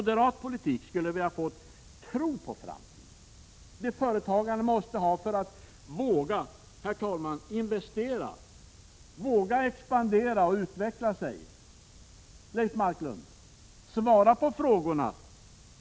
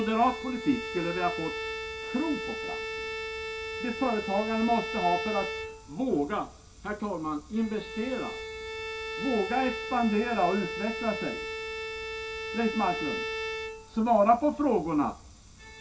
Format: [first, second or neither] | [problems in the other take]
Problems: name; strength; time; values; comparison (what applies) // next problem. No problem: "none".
first | background sound (Bowed string instrument); 7 dB below the speech // room echo; dies away in 0.2 s